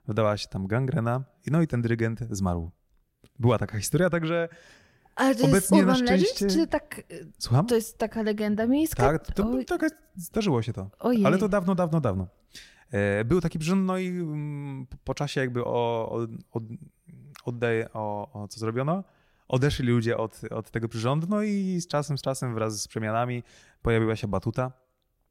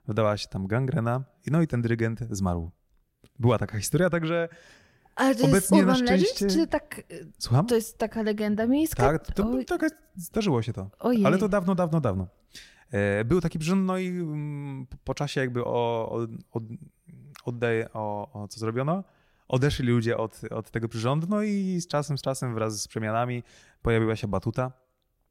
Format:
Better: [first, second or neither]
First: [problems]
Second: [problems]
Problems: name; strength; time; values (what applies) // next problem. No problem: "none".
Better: neither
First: none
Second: none